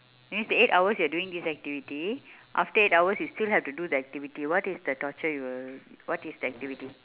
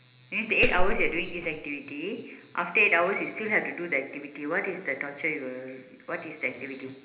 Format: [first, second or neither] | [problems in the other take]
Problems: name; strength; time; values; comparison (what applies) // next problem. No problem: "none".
first | background sound (Clapping); 3 dB above the speech // room echo; dies away in 1 s